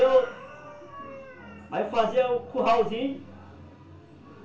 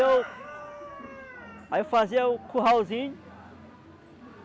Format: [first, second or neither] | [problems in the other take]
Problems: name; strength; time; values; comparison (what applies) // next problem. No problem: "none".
second | room echo; dies away in 0.3 s